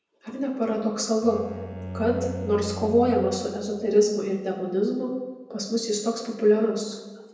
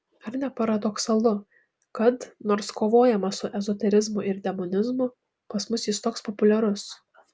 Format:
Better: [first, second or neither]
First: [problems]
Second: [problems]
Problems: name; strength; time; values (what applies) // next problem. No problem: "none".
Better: second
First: background sound (Bowed string instrument); 12 dB below the speech // room echo; dies away in 1 s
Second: none